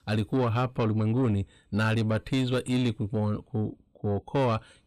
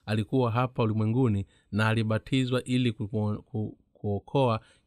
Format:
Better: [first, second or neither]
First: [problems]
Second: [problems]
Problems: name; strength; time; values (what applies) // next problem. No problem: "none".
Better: second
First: distortion; slight; 10 dB below the speech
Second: none